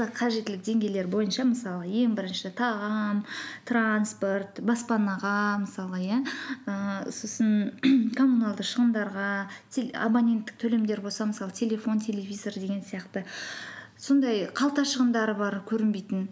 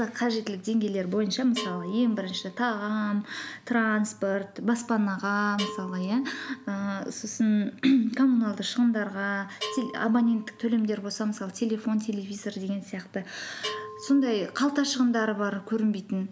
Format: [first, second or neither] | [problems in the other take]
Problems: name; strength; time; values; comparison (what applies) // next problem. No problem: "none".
first | background sound (Bell); 17 dB below the speech